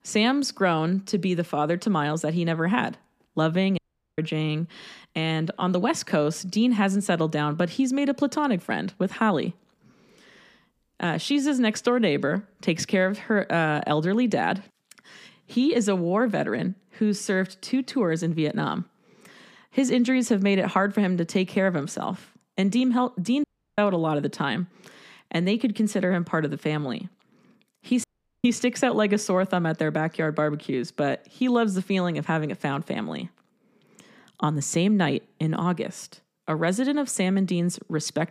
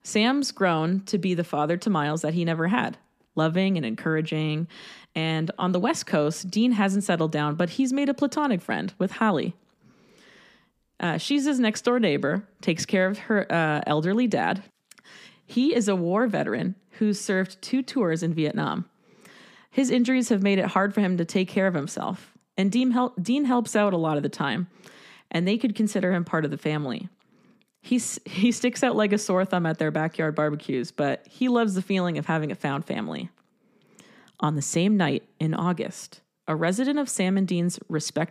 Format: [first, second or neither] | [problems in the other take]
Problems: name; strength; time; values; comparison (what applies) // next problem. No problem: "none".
second | audio cutting out; at 4 s, at 23 s and at 28 s